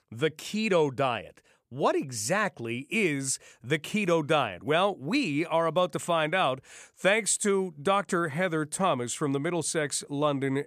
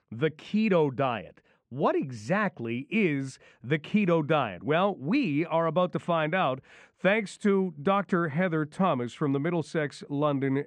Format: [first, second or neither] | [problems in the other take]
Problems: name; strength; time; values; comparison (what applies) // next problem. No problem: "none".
first | muffled; very; fading above 2.5 kHz